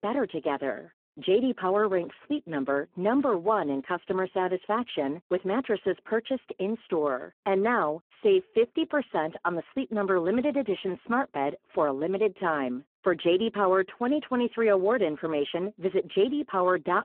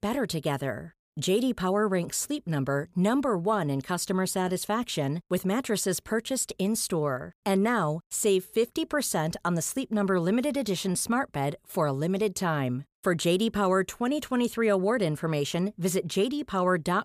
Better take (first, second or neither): second